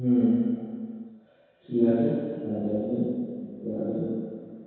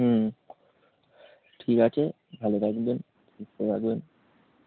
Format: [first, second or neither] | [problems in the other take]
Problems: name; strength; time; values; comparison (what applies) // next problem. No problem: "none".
second | room echo; dies away in 2 s